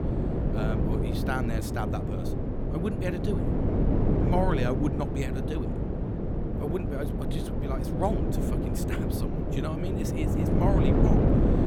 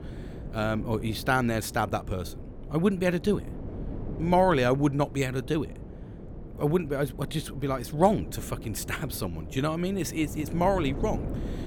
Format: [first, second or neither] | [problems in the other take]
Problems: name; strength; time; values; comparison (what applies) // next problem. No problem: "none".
second | wind noise on the microphone; heavy; 1 dB above the speech; occasional gusts in the second